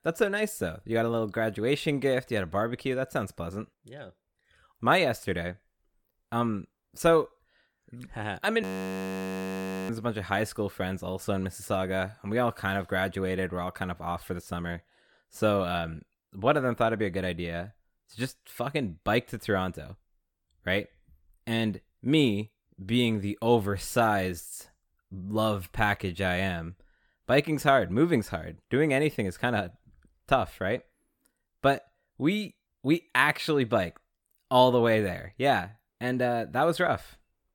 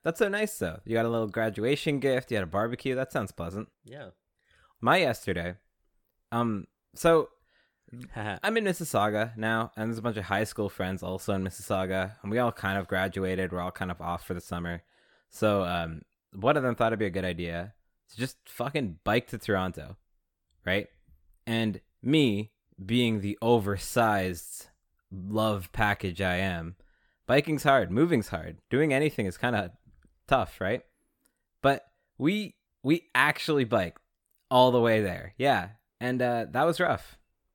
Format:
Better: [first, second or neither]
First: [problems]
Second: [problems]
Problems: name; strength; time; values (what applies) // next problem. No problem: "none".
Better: second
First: audio freezing; at 8.5 s for 1.5 s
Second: none